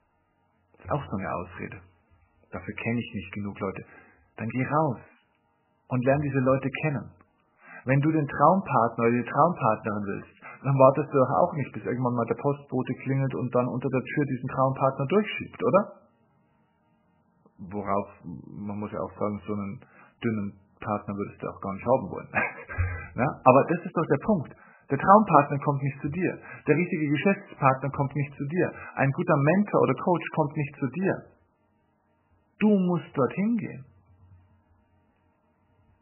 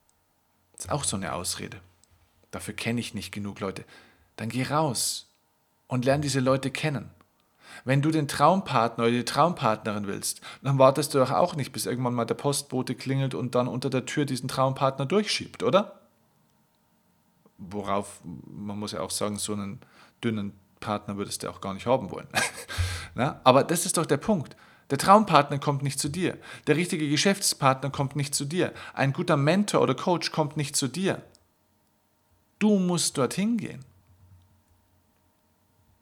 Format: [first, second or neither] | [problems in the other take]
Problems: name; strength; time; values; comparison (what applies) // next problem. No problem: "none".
second | garbled, watery; badly; nothing above 3 kHz